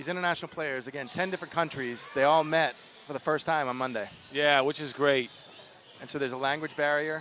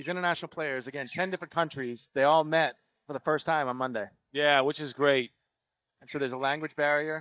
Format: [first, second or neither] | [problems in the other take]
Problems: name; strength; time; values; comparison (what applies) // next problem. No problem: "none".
first | noise reduction (neural mask model DeepFilterNet 3)